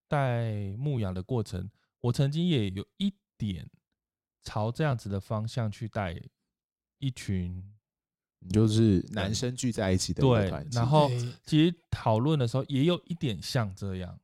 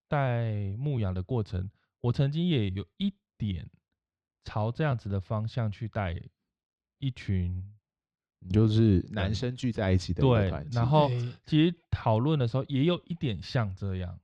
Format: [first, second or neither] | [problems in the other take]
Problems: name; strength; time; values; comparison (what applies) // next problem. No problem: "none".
first | muffled; very slightly; fading above 3 kHz